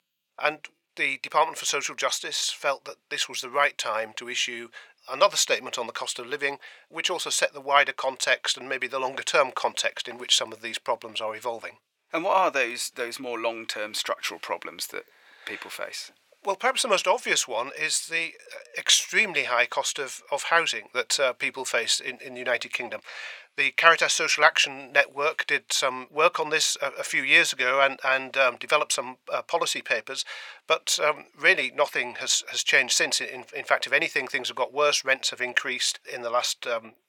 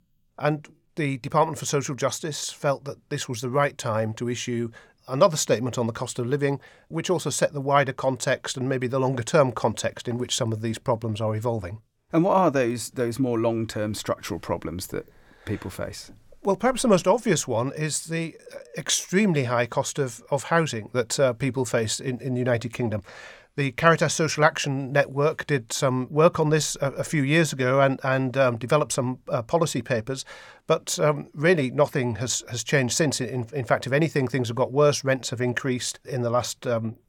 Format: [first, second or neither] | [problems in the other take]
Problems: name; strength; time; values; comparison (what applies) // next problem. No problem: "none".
second | thin; very; fading below 650 Hz